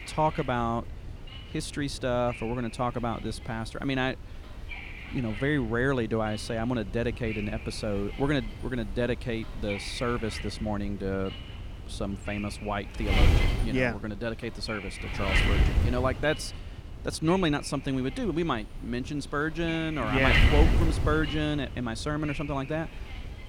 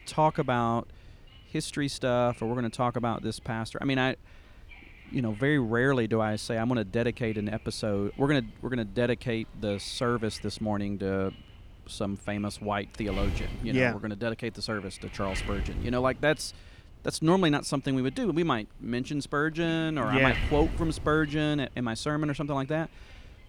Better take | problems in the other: second | wind noise on the microphone; heavy; 4 dB below the speech; occasional gusts in the second

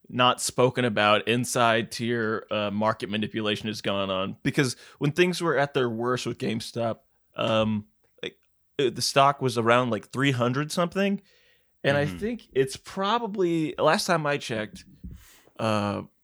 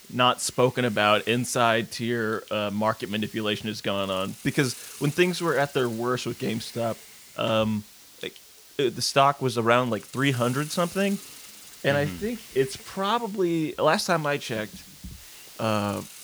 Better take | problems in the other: first | hiss; noticeable; throughout; 20 dB below the speech

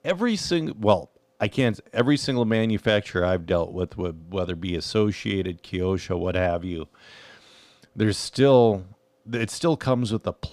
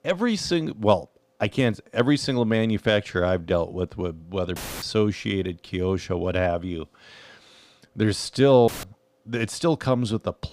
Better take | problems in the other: first | audio cutting out; filled with static; at 4.5 s and at 8.5 s

